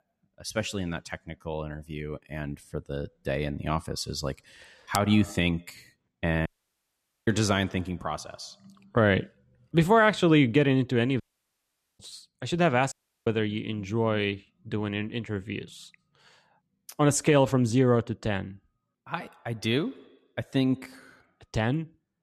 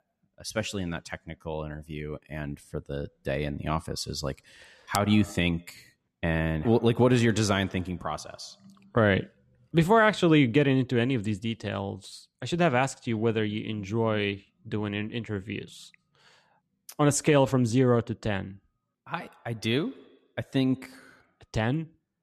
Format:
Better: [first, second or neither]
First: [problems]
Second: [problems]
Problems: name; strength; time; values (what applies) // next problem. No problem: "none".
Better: second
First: audio cutting out; at 6.5 s for 1 s, at 11 s for 1 s and at 13 s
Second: none